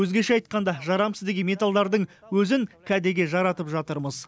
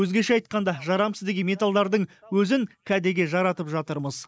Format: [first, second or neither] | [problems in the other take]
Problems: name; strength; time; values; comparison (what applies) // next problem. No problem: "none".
first | noise reduction (neural mask model Resemble Enhance denoiser)